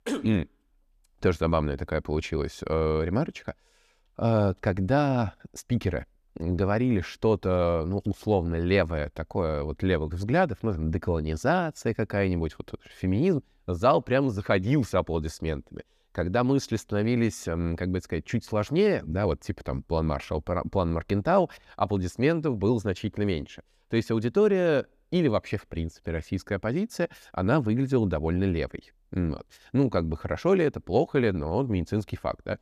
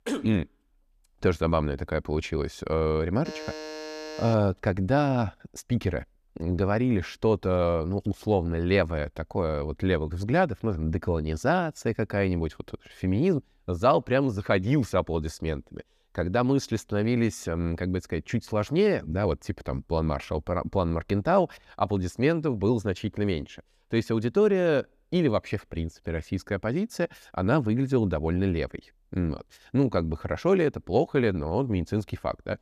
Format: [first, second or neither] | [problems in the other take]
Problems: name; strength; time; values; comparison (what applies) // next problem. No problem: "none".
first | alarm; faint; from 3 to 4.5 s; peak 10 dB below the speech